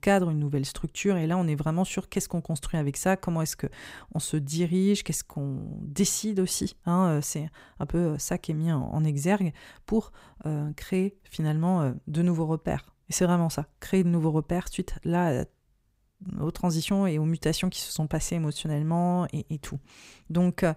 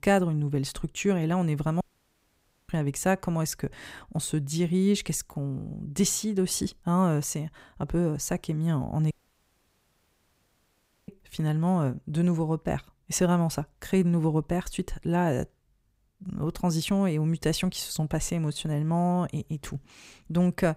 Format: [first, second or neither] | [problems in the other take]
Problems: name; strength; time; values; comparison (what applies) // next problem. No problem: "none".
first | audio cutting out; at 2 s for 1 s and at 9 s for 2 s